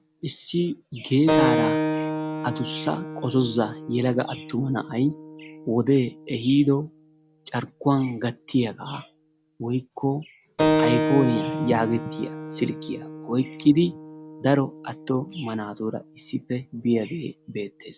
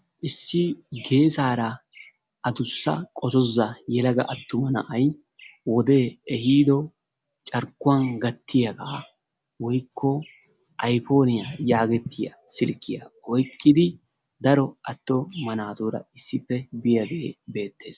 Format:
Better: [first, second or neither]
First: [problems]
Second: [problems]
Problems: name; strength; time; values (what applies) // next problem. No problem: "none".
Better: second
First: background sound (Keyboard (musical)); 5 dB below the speech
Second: none